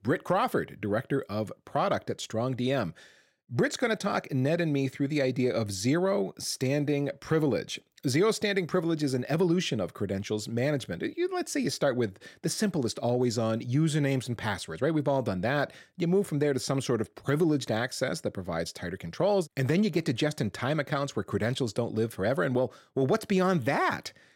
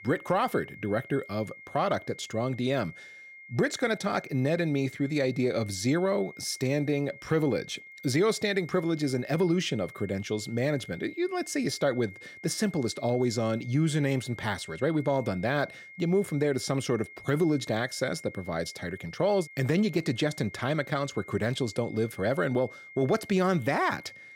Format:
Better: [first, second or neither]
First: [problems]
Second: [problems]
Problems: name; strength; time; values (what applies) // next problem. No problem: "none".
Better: first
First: none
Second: high-pitched whine; noticeable; throughout; 2 kHz, 15 dB below the speech